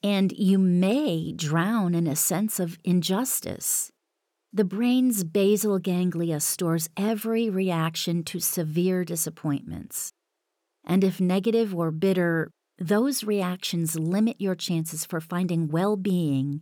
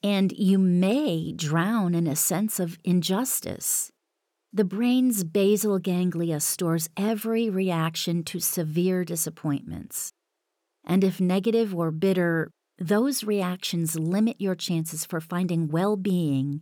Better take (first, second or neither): neither